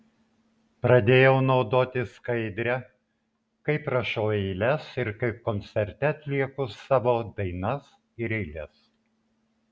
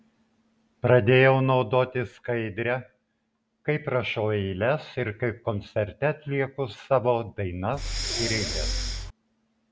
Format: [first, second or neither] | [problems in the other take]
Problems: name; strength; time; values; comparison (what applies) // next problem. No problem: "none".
first | background sound (Breathing); 3 dB below the speech